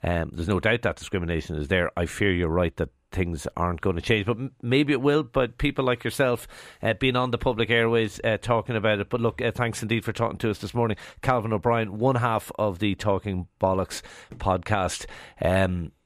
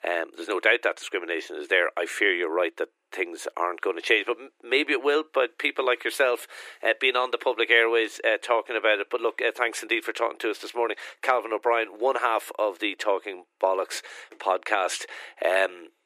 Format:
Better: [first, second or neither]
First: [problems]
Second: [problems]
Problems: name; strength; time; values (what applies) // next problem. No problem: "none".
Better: first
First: none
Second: thin; very; fading below 350 Hz